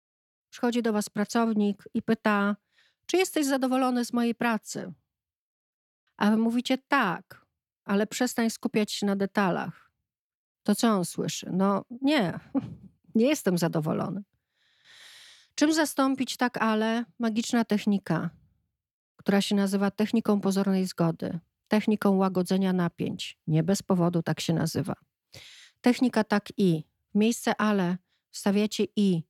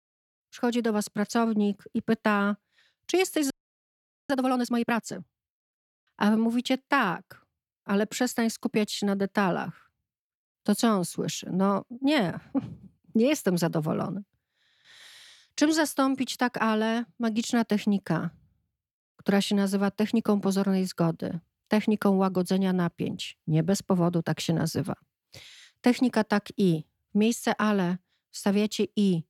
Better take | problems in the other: first | audio freezing; at 3.5 s for 1 s

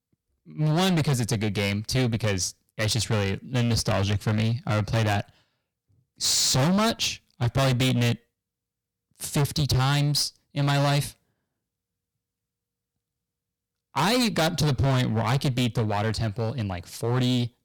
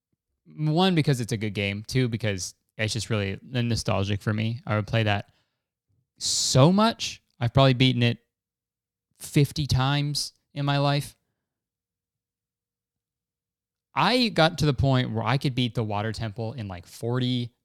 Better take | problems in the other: second | distortion; heavy; 16% of the sound clipped

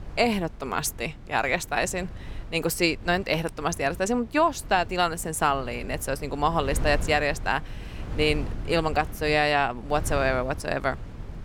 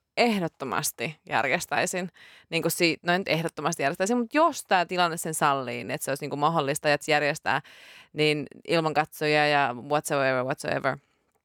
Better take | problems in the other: second | wind noise on the microphone; occasional gusts; 20 dB below the speech

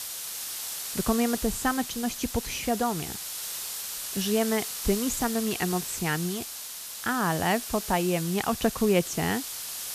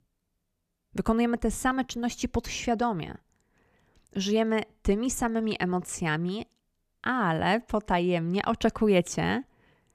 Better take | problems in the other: second | hiss; loud; throughout; 5 dB below the speech

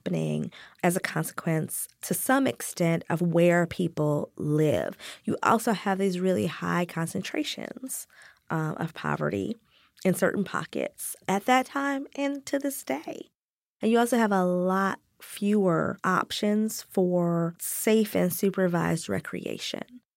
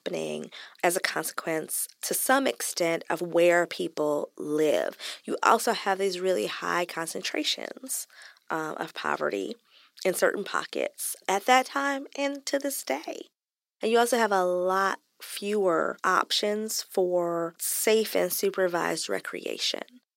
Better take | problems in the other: first | thin; somewhat; fading below 350 Hz

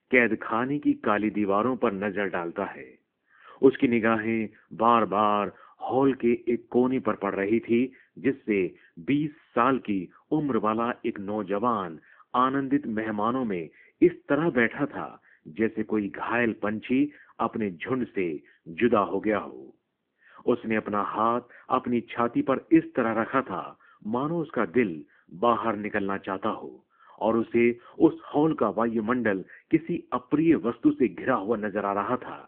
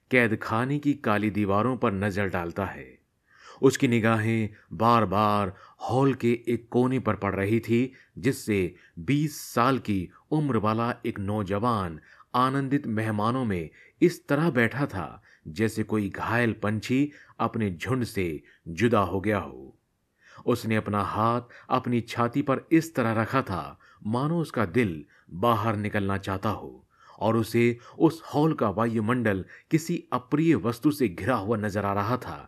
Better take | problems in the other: second | phone-call audio

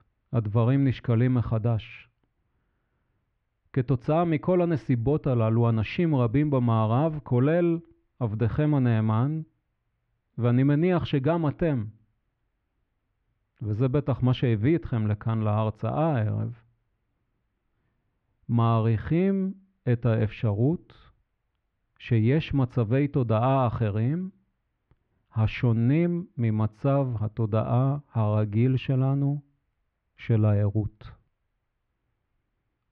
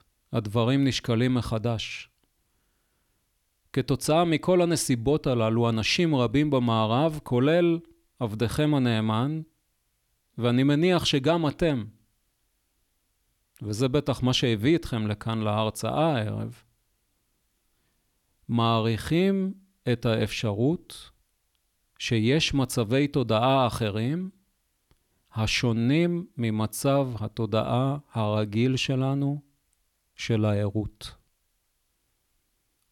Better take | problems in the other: second | muffled; very; fading above 2 kHz

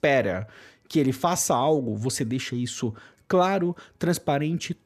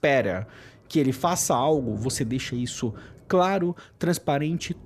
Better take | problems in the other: first | rain or running water; faint; throughout; 20 dB below the speech

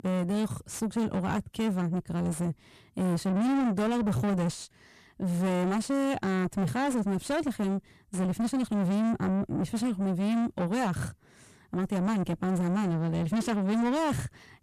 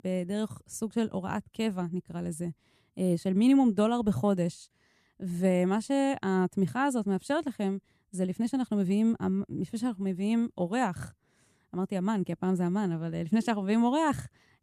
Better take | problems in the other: second | distortion; heavy; 6 dB below the speech

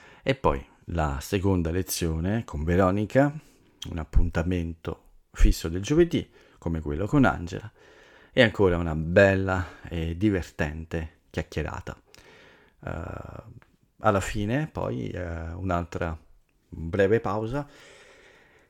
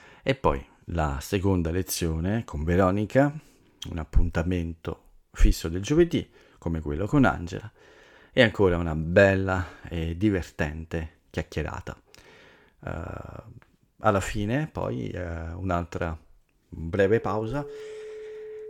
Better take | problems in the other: first | phone ringing; faint; from 17 s on; peak 15 dB below the speech

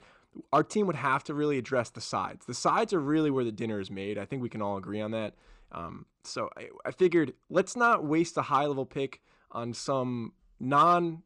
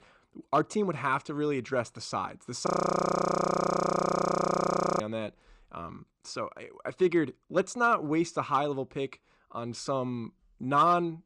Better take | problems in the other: first | audio freezing; at 2.5 s for 2.5 s

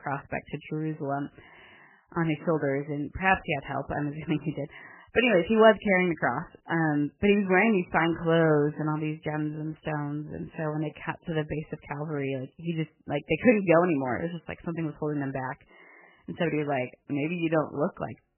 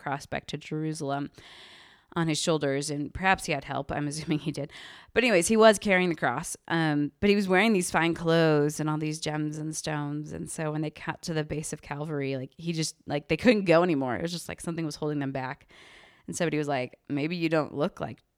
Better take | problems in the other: second | garbled, watery; badly; nothing above 3 kHz

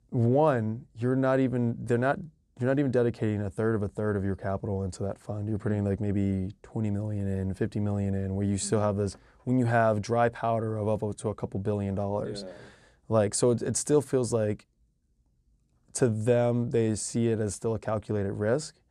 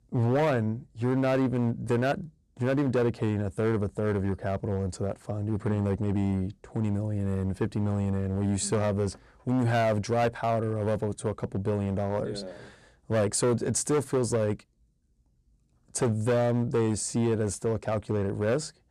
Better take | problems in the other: first | distortion; slight; 8% of the sound clipped

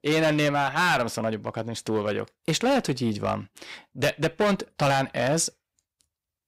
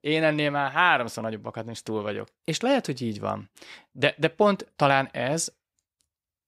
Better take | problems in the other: second | distortion; heavy; 9% of the sound clipped

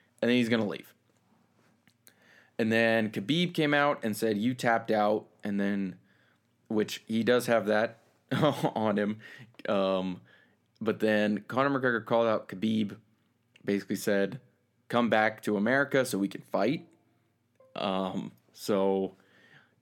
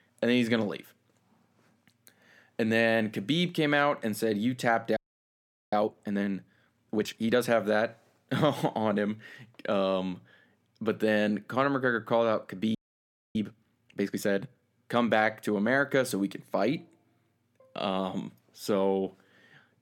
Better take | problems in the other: first | audio freezing; at 5 s for 1 s and at 13 s for 0.5 s

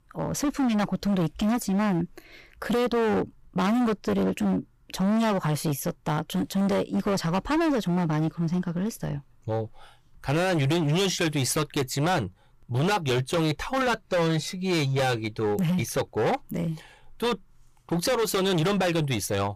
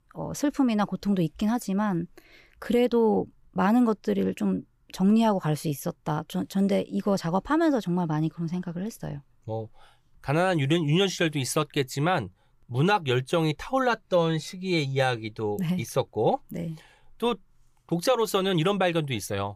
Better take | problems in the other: second | distortion; heavy; 22% of the sound clipped

